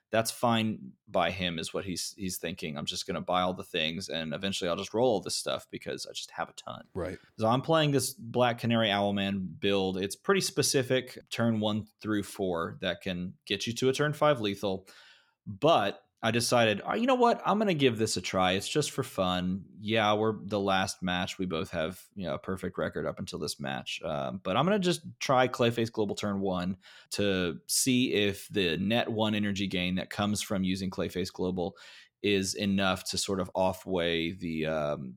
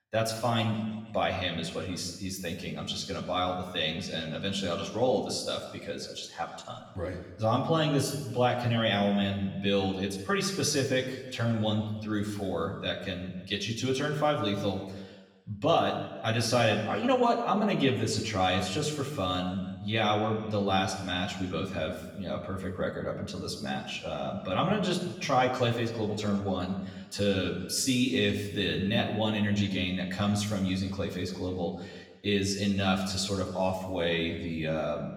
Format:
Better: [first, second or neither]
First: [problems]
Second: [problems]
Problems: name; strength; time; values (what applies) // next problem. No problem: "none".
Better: first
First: none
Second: room echo; noticeable; dies away in 1.1 s // off-mic speech; far